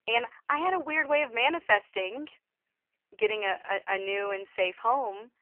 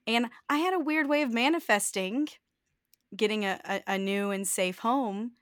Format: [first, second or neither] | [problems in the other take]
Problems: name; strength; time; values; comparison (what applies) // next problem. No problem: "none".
second | phone-call audio; poor line; nothing above 3 kHz